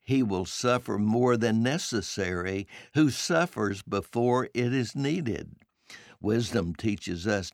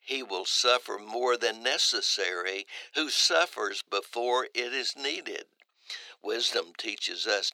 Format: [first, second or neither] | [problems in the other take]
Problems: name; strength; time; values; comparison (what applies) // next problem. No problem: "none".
first | thin; very; fading below 400 Hz